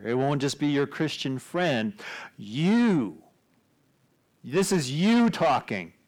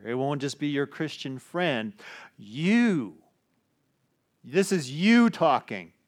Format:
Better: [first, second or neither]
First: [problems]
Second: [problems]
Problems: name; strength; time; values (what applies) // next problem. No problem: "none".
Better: second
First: distortion; heavy; 8 dB below the speech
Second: none